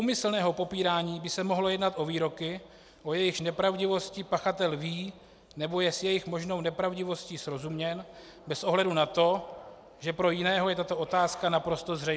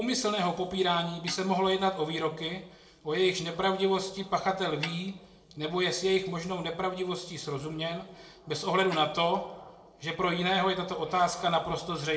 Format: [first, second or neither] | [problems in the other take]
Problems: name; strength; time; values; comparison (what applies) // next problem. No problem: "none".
first | noise reduction (neural separator model SepFormer DNS4)